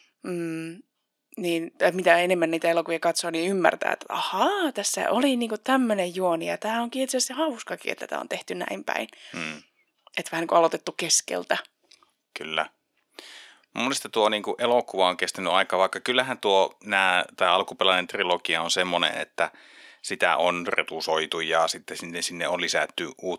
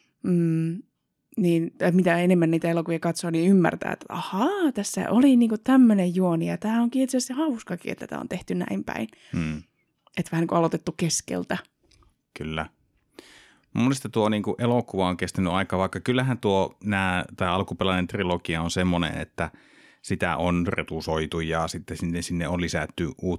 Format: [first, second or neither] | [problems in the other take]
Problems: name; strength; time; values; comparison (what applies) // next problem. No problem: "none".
second | thin; somewhat; fading below 500 Hz